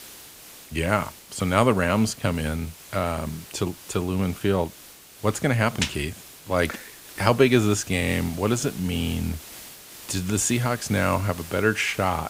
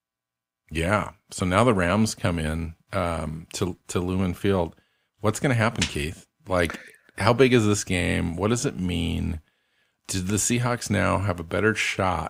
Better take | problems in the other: second | hiss; noticeable; throughout; 15 dB below the speech

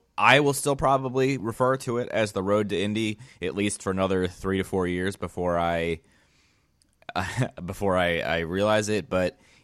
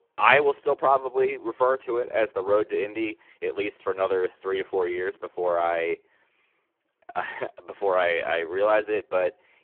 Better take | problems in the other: first | phone-call audio; poor line

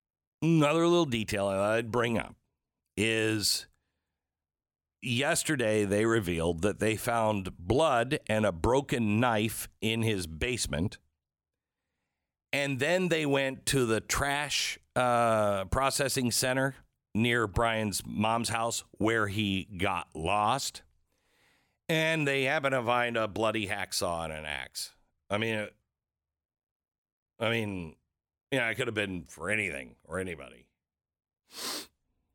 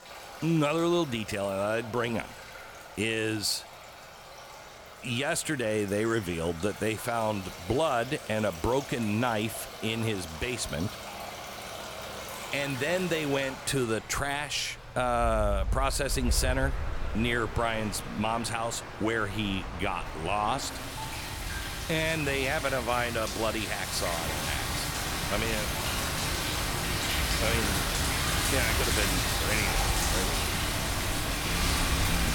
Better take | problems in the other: first | rain or running water; loud; throughout; 1 dB below the speech

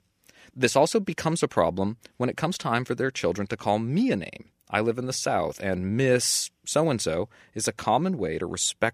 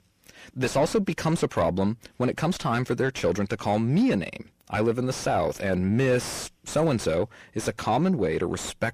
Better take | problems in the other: first | distortion; heavy; 7 dB below the speech

